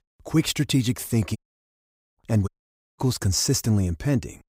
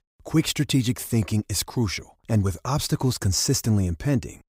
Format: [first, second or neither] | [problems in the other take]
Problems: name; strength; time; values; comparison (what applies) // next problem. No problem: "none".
second | audio cutting out; at 1.5 s for 1 s and at 2.5 s for 0.5 s